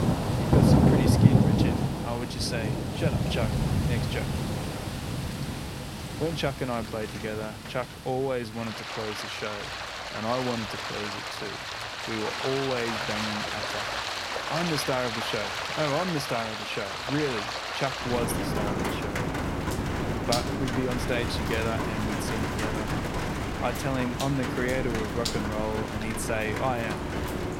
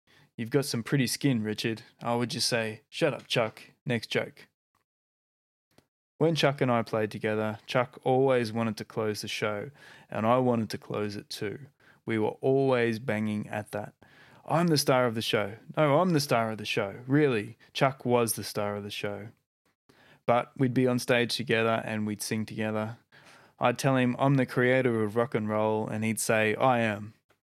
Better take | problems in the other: second | rain or running water; very loud; throughout; 3 dB above the speech

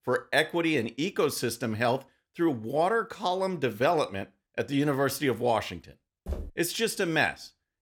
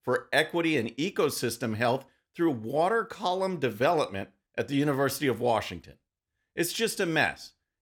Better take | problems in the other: second | footsteps; faint; at 6.5 s; peak 10 dB below the speech

